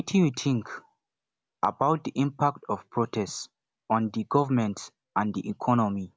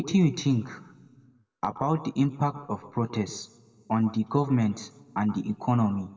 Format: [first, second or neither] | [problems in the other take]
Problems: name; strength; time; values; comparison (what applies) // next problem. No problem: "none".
first | room echo; dies away in 0.9 s